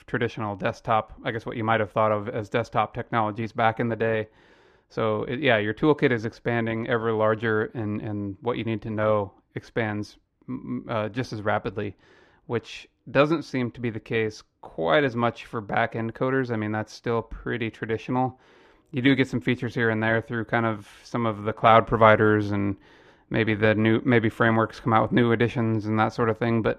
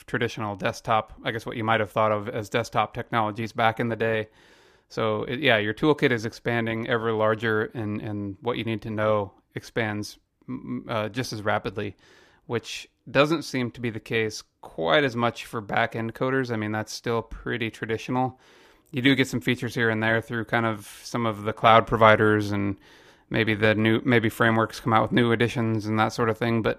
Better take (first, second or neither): second